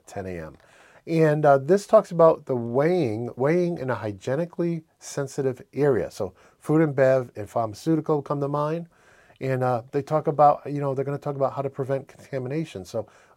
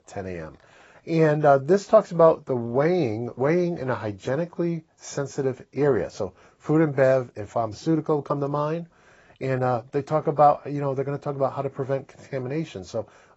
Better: first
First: none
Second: garbled, watery; badly; nothing above 7.5 kHz

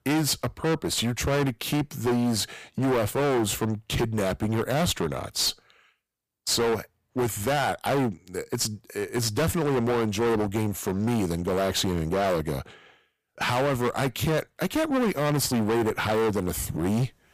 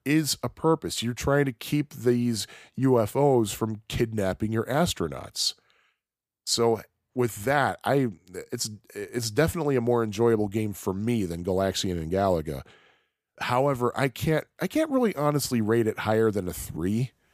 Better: second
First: distortion; heavy; 22% of the sound clipped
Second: none

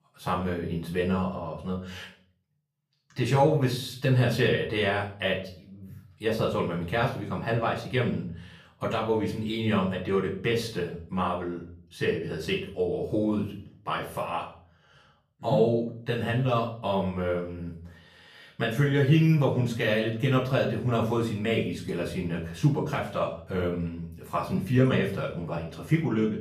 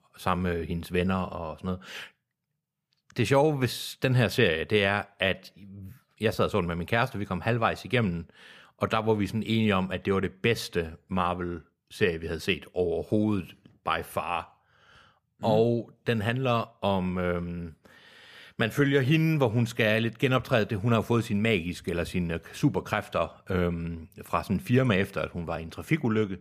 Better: second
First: off-mic speech; far // room echo; slight; dies away in 0.4 s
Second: none

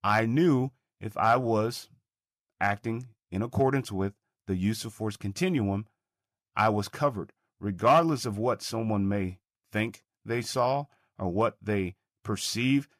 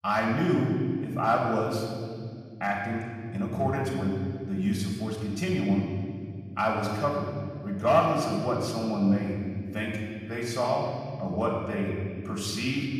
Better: first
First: none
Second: room echo; noticeable; dies away in 2.1 s // off-mic speech; far

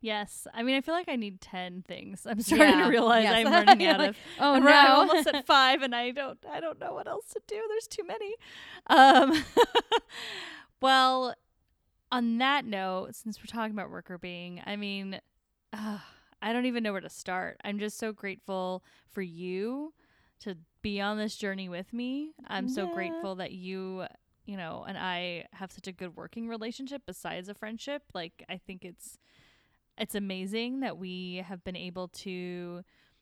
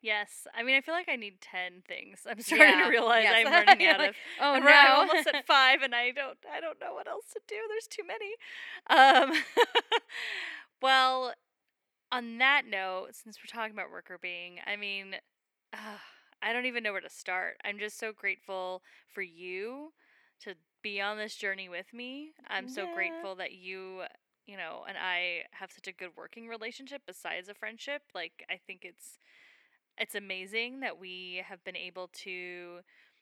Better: first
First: none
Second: thin; somewhat; fading below 450 Hz

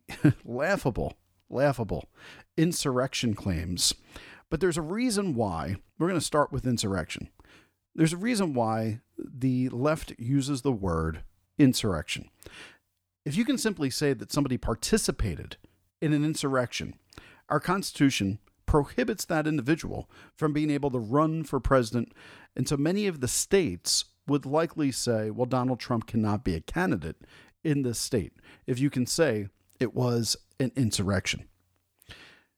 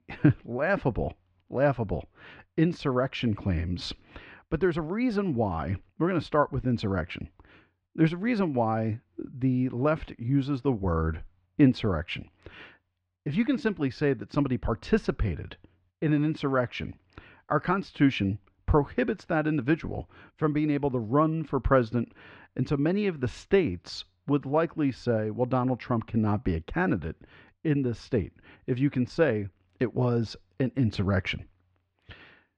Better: first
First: none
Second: muffled; slightly; fading above 3 kHz

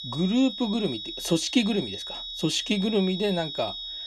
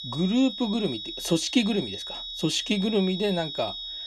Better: neither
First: high-pitched whine; loud; throughout; 4 kHz, 7 dB below the speech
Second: high-pitched whine; loud; throughout; 4 kHz, 7 dB below the speech

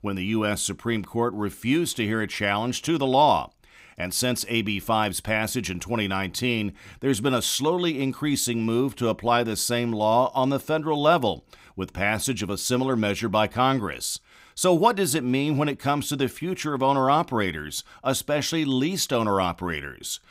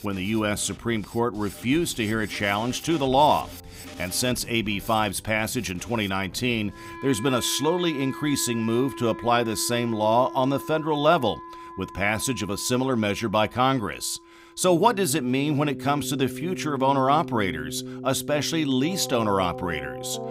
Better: first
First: none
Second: background music; noticeable; throughout; 15 dB below the speech

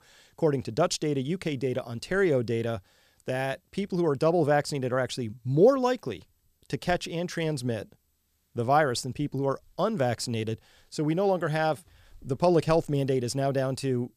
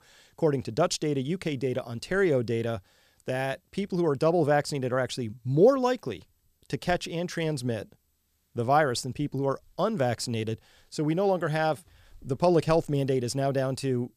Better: neither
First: none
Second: none

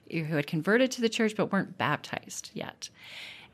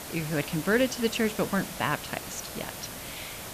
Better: first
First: none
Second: hiss; loud; throughout; 8 dB below the speech

